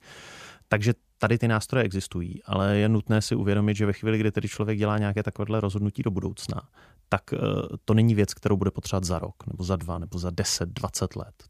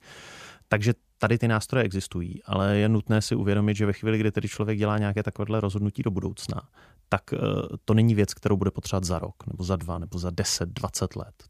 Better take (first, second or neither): neither